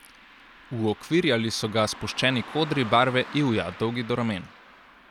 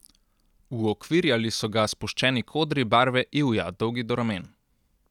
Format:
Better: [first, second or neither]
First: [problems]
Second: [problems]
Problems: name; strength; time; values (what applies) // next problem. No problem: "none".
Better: second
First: background sound (Car passing by); 17 dB below the speech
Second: none